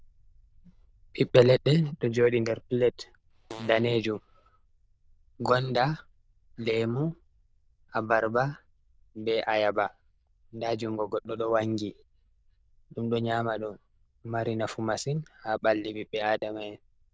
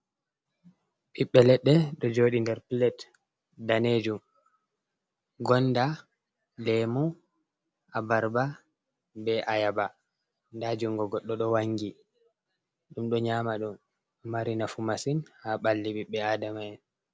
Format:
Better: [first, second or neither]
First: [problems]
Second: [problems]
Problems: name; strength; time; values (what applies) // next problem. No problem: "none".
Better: second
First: noise reduction (neural diffusion model UNIVERSE++)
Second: none